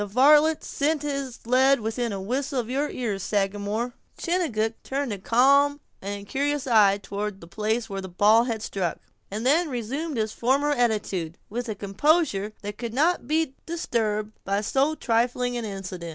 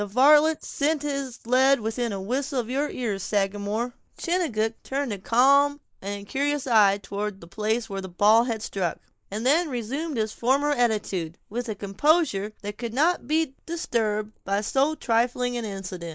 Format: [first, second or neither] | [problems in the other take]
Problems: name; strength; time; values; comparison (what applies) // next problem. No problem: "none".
first | noise reduction (neural mask model Resemble Enhance denoiser)